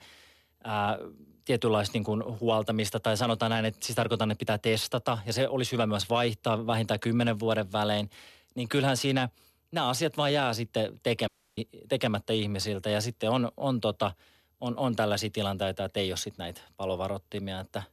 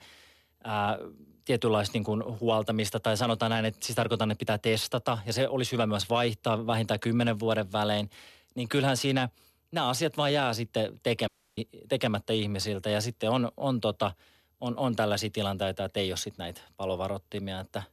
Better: neither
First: audio cutting out; at 11 s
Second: audio cutting out; at 11 s

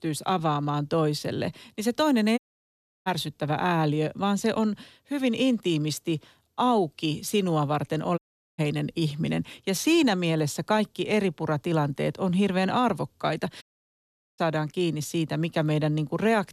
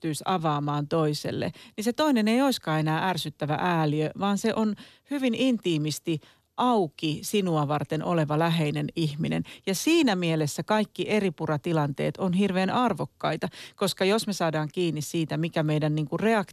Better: second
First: audio cutting out; at 2.5 s for 0.5 s, at 8 s and at 14 s for 1 s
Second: none

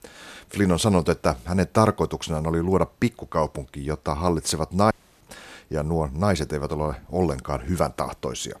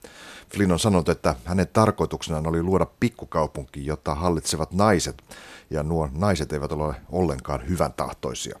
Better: second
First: audio cutting out; at 5 s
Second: none

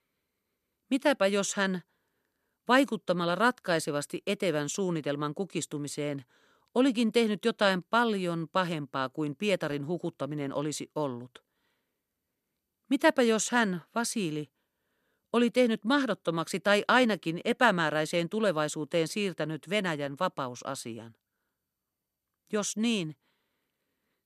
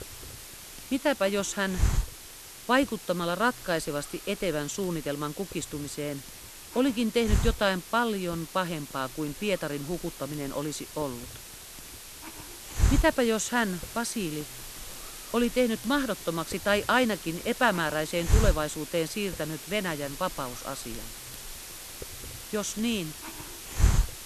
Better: first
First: none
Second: hiss; loud; throughout; 7 dB below the speech

